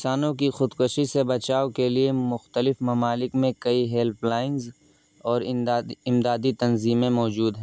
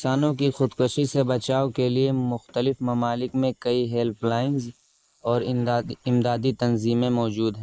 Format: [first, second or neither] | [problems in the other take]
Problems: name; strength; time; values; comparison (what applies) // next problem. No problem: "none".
first | noise reduction (neural mask model Resemble Enhance denoiser)